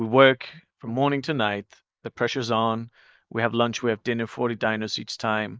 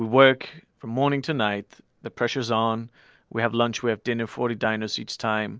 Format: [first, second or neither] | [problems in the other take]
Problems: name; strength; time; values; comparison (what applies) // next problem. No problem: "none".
second | noise reduction (neural mask model Resemble Enhance denoiser)